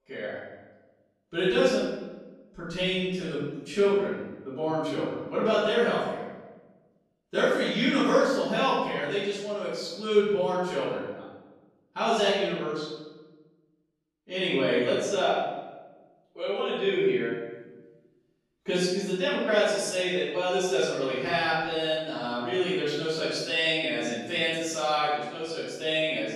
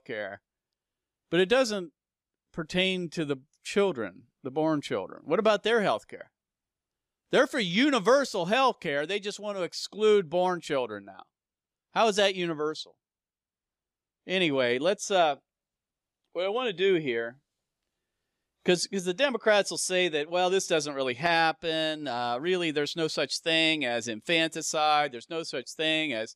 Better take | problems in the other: second | off-mic speech; far // room echo; strong; dies away in 1 s

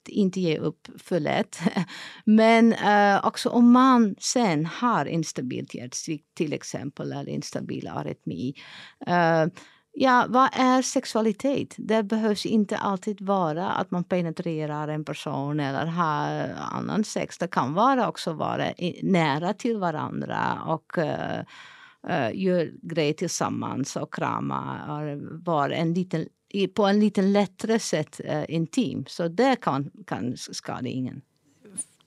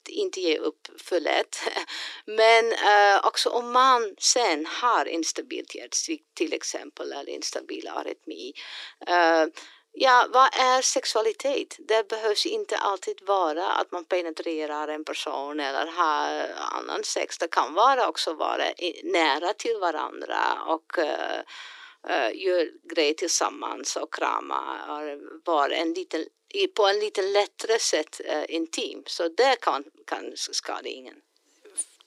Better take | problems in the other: first | thin; very; fading below 300 Hz

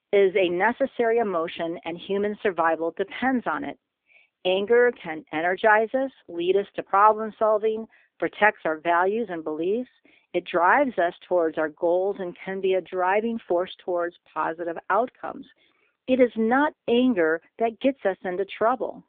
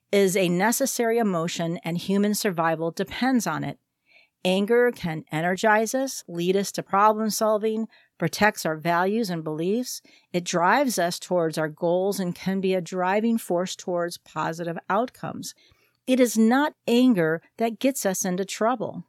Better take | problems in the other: second | phone-call audio; nothing above 3.5 kHz

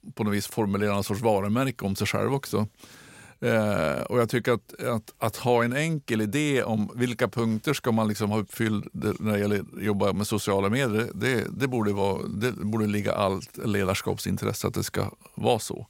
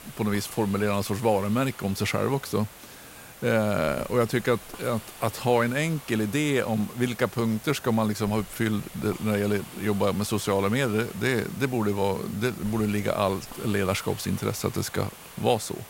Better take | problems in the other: first | hiss; noticeable; throughout; 15 dB below the speech

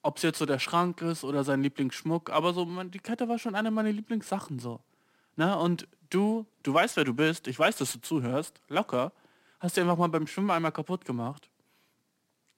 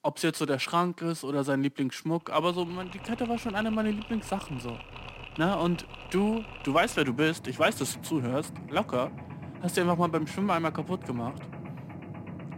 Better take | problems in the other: first | machinery noise; noticeable; from 2.5 s on; 15 dB below the speech

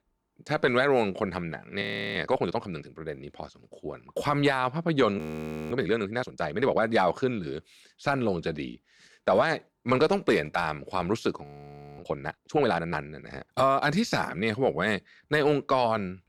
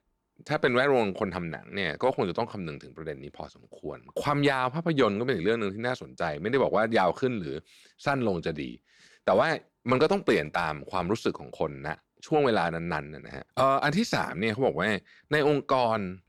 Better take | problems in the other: second | audio freezing; at 2 s, at 5 s for 0.5 s and at 11 s for 0.5 s

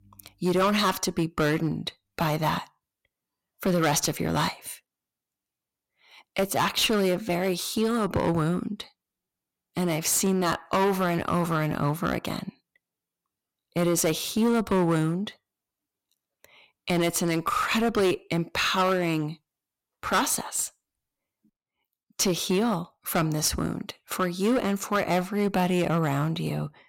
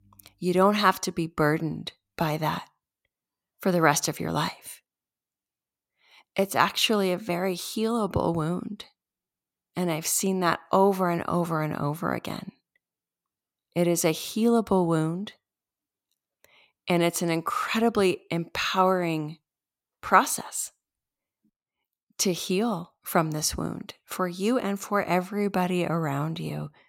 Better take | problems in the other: second | distortion; heavy; 8% of the sound clipped

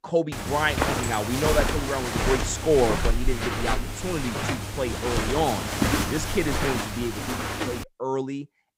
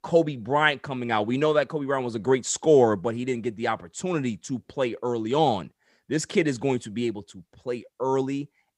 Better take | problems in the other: second | footsteps; loud; until 8 s; peak 4 dB above the speech

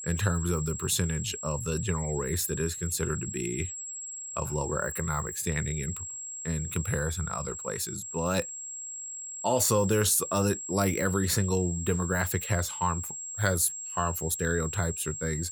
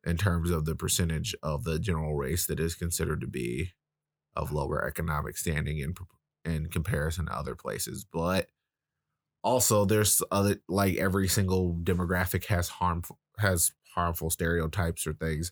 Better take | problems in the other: second | high-pitched whine; loud; throughout; 7.5 kHz, 6 dB below the speech

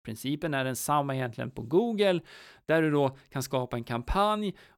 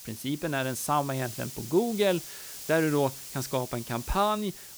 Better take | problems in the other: first | hiss; noticeable; throughout; 10 dB below the speech

